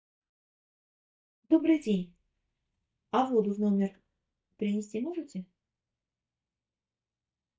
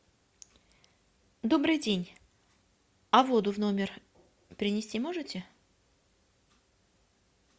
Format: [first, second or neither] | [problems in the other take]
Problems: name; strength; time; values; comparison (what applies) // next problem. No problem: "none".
second | noise reduction (neural mask model DeepFilterNet 3)